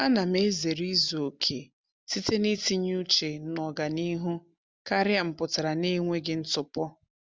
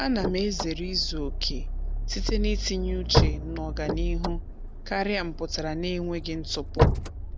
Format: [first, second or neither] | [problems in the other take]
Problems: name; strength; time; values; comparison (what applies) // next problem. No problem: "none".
first | background sound (Accelerating, revving, vroom + Slam / Car); 2 dB above the speech